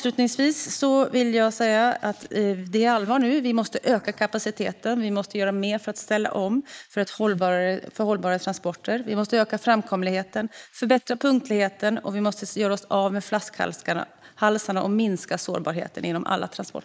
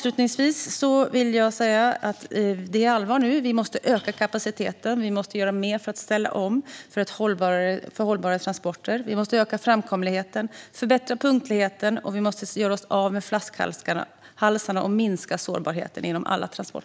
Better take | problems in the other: second | noise reduction (neural mask model Resemble Enhance denoiser)

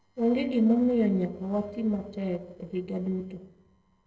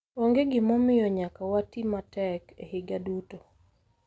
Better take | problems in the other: second | noise reduction (neural separator model SepFormer DNS4)

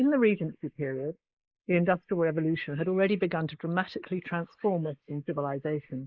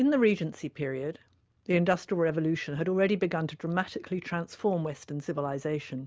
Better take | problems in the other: second | noise reduction (neural mask model Resemble Enhance denoiser)

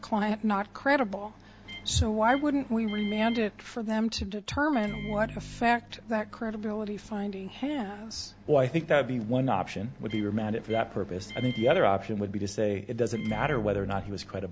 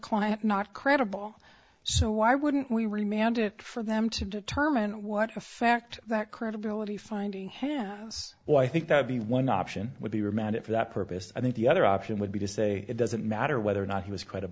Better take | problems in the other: second | background sound (Microwave oven); 16 dB below the speech

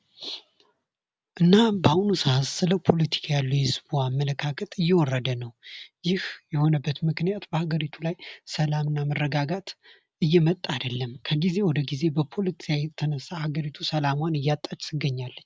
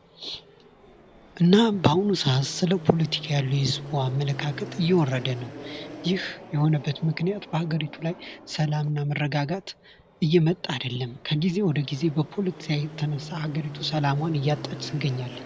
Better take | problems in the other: first | background sound (Fixed-wing aircraft, airplane); 15 dB below the speech

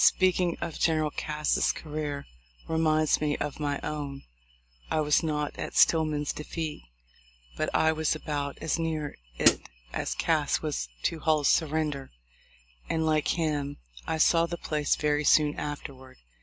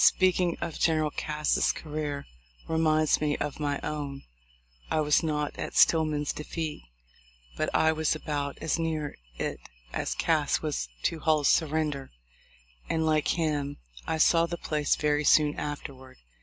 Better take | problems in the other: second | background sound (Hi-hat); 3 dB above the speech

